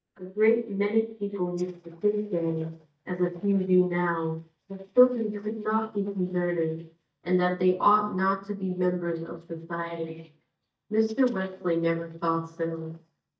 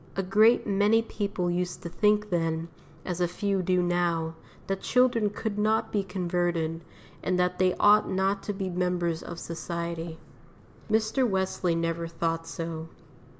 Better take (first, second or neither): second